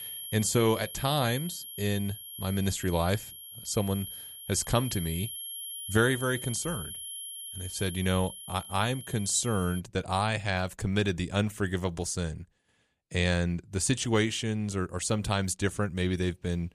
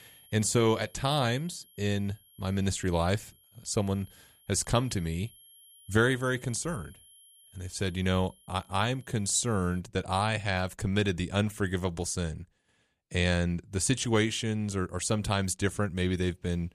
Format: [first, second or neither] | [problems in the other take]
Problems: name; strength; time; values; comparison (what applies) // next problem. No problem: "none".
second | high-pitched whine; loud; until 10 s; 3 kHz, 9 dB below the speech; faint in the second